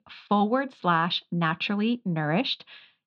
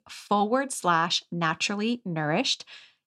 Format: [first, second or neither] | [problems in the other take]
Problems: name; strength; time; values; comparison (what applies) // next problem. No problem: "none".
second | muffled; slightly; fading above 4 kHz